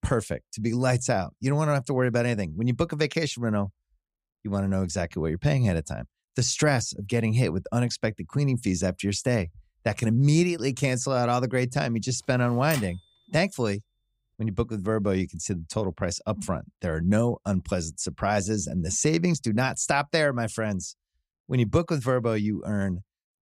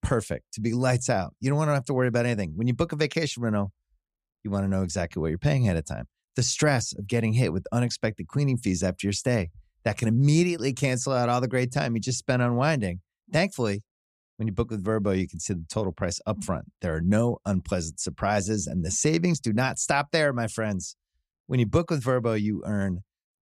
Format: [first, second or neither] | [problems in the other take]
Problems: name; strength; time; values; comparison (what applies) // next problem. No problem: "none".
second | keyboard typing; noticeable; at 13 s; peak 9 dB below the speech